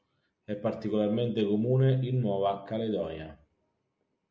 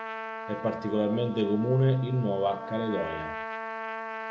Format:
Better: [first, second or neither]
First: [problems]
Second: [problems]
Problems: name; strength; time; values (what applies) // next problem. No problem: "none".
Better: first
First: none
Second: background sound (Trumpet); 9 dB below the speech